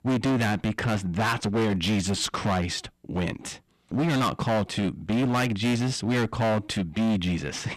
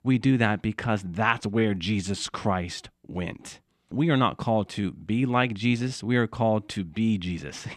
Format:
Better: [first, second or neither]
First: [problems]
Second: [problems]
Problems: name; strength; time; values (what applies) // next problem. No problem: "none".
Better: second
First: distortion; heavy; 21% of the sound clipped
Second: none